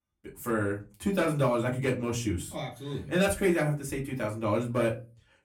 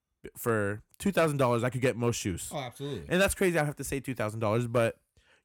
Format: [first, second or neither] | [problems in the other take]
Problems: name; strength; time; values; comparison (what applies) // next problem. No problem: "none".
second | off-mic speech; far // room echo; very slight; dies away in 0.2 s